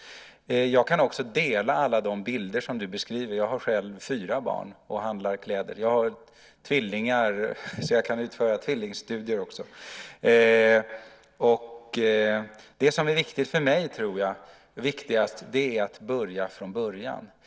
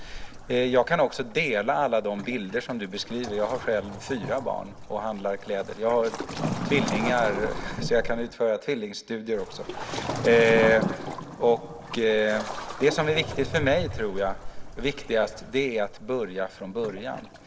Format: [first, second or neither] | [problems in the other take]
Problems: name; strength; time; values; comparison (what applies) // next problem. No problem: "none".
first | background sound (Waves, surf); 8 dB below the speech